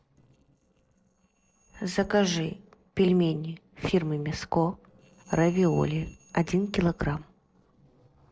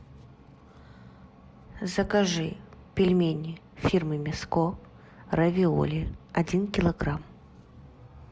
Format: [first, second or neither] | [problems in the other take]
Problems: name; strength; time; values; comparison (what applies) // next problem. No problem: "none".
second | noise reduction (neural separator model SepFormer DNS4)